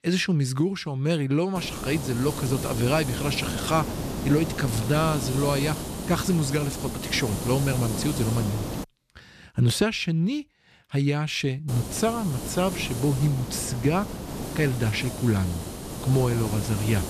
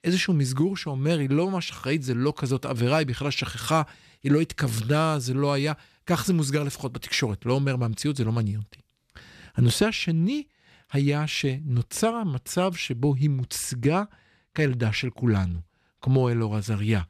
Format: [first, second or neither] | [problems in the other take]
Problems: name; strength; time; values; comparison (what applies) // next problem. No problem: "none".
second | hiss; loud; from 1.5 to 9 s and from 12 s on; 6 dB below the speech